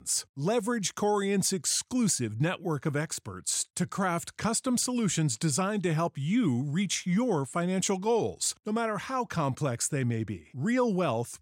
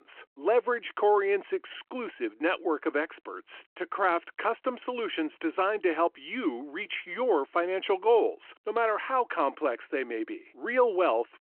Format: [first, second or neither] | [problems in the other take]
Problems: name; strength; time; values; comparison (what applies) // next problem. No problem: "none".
first | phone-call audio